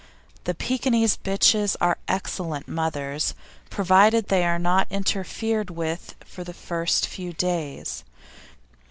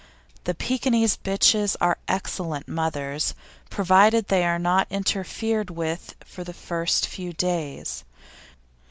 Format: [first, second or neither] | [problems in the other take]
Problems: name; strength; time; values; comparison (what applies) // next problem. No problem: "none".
second | background sound (Chewing, mastication); 7 dB below the speech